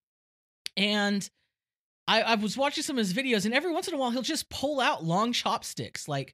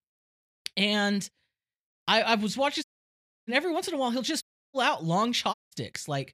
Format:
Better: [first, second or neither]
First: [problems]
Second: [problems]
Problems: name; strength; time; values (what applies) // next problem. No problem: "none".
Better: first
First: none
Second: audio cutting out; at 3 s for 0.5 s, at 4.5 s and at 5.5 s